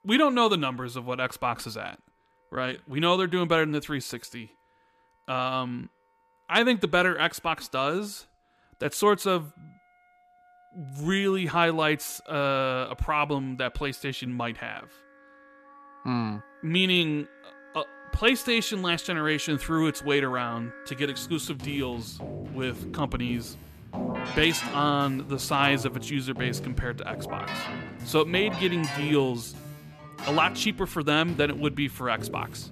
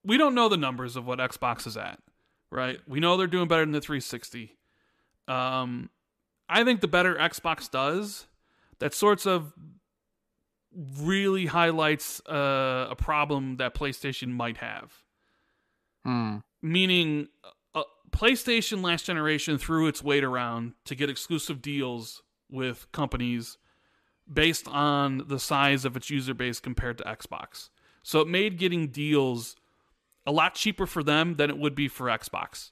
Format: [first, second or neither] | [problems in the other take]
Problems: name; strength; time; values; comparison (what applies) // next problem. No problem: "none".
second | background music; noticeable; throughout; 10 dB below the speech